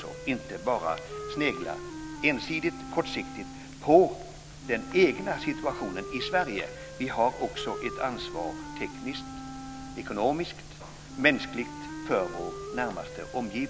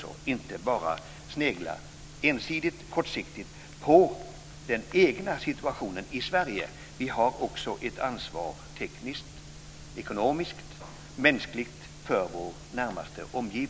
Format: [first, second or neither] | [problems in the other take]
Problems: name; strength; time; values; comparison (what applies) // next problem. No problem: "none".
second | background sound (Wind instrument, woodwind instrument); 11 dB below the speech